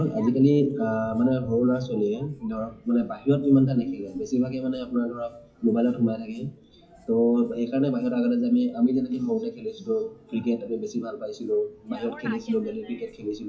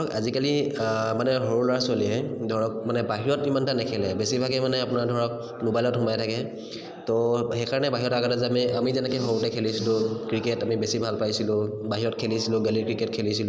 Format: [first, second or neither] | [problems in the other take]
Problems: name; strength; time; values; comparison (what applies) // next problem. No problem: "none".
second | noise reduction (classical method WPE with log-MMSE)